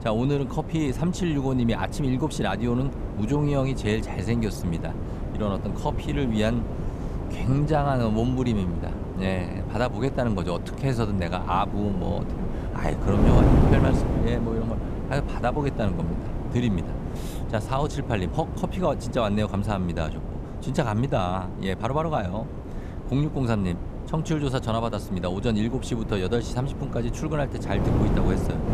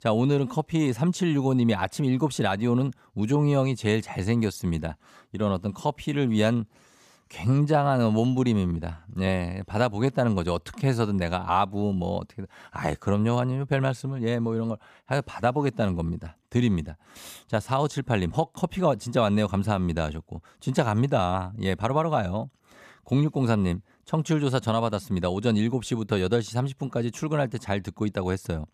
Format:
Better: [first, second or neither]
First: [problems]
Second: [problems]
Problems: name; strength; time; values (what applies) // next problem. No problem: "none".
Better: second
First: wind noise on the microphone; heavy; 7 dB below the speech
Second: none